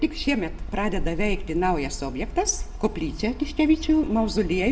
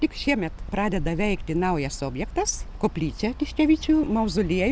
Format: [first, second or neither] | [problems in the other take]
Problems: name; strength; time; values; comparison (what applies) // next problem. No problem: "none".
second | room echo; dies away in 0.5 s